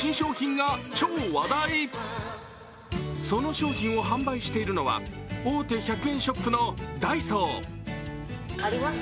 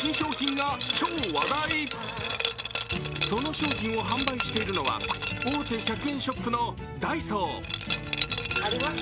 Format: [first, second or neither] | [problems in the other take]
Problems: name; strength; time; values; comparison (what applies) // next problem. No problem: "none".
first | background sound (Liquid); 3 dB below the speech